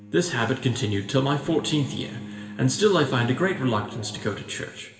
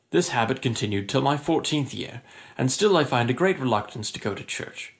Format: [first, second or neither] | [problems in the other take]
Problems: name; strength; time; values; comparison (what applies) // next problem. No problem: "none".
second | background sound (Bowed string instrument); 16 dB below the speech // room echo; dies away in 1.7 s